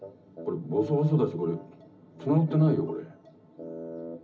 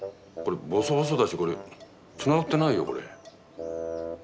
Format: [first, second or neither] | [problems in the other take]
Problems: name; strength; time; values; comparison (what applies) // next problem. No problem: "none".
second | room echo; dies away in 0.4 s